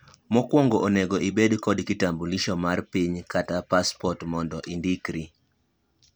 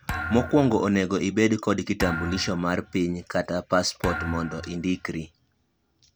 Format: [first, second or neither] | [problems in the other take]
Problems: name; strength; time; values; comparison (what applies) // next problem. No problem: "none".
first | background sound (Thump, thud); 10 dB below the speech